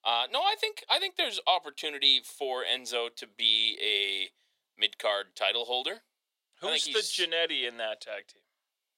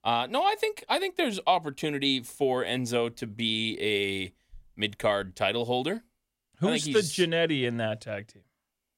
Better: second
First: thin; very; fading below 500 Hz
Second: none

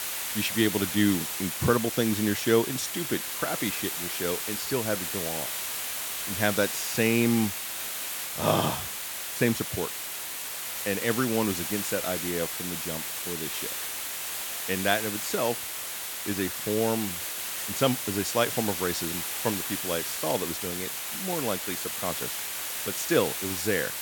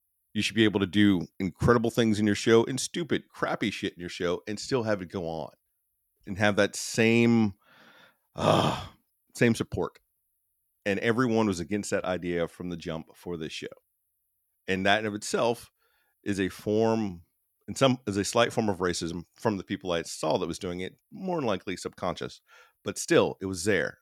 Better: second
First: hiss; loud; throughout; 2 dB below the speech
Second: none

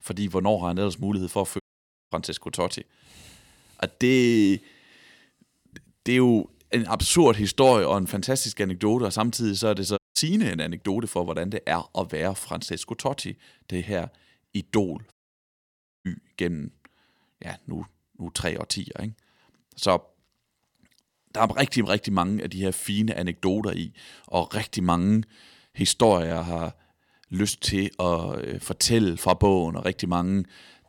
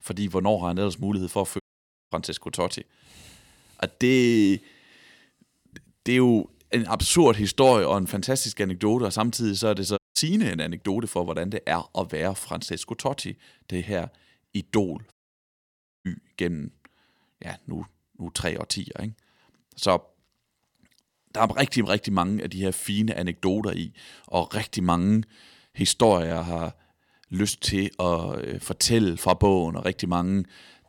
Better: neither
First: audio cutting out; at 1.5 s for 0.5 s, at 10 s and at 15 s for 1 s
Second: audio cutting out; at 1.5 s for 0.5 s, at 10 s and at 15 s for 1 s

